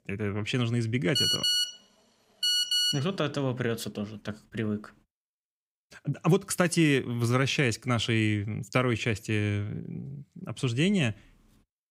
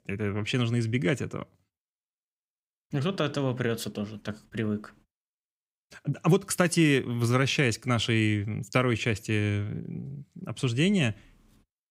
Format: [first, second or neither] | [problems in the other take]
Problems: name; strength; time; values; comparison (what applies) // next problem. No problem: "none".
second | phone ringing; loud; from 1 to 3 s; peak 5 dB above the speech